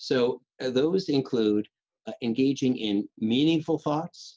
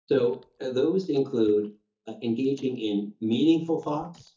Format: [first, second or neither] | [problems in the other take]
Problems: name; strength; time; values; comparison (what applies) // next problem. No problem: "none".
first | noise reduction (neural mask model DeepFilterNet 3)